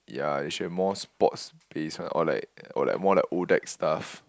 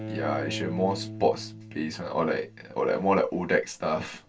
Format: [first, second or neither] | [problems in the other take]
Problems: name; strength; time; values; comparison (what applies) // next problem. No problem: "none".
first | background sound (Bowed string instrument); 11 dB below the speech // room echo; dies away in 0.1 s